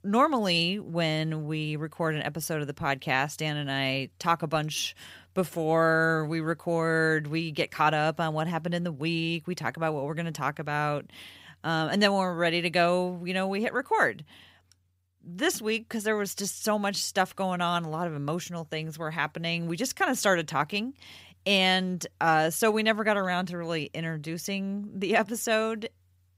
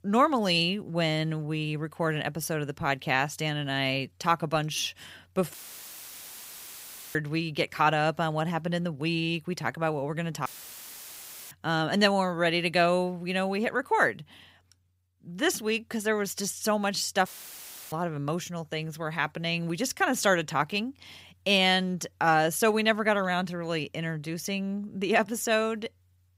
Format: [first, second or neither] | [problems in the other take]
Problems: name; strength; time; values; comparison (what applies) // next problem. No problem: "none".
first | audio cutting out; filled with static; at 5.5 s for 1.5 s, at 10 s for 1 s and at 17 s for 0.5 s